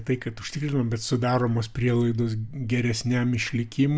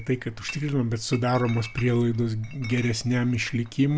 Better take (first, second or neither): first